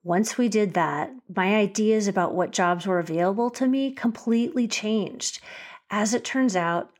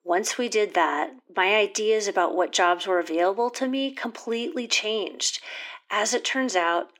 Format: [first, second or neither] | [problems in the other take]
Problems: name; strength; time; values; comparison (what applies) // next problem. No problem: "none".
first | thin; somewhat; fading below 300 Hz